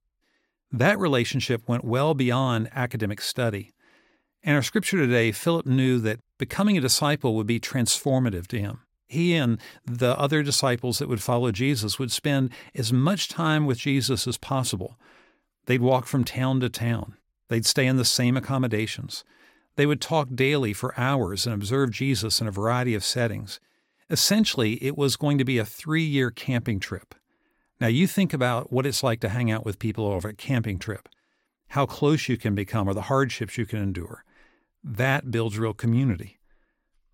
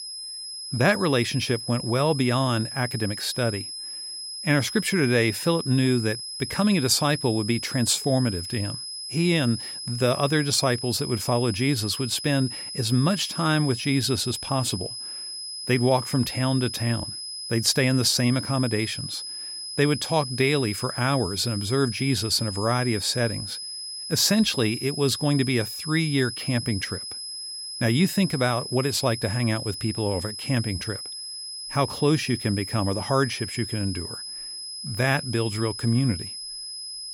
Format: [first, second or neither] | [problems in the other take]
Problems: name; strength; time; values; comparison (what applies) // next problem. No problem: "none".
first | high-pitched whine; loud; throughout; 5 kHz, 8 dB below the speech